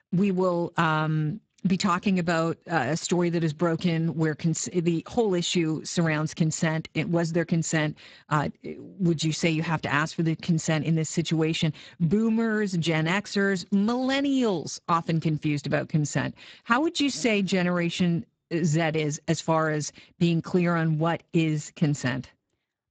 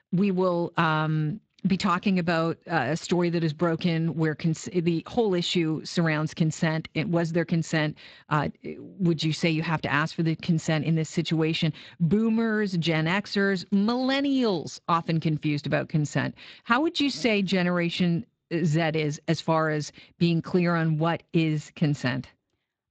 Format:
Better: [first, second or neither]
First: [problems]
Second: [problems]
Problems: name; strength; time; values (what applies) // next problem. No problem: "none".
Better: second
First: garbled, watery; badly; nothing above 7.5 kHz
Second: garbled, watery; slightly; nothing above 7.5 kHz